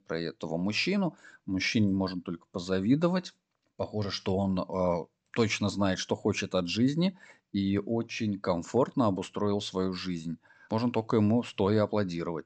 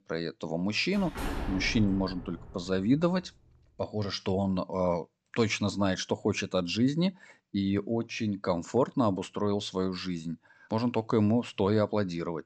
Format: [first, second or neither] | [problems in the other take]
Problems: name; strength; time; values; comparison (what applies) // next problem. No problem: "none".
first | door banging; noticeable; from 1 to 3 s; peak 5 dB below the speech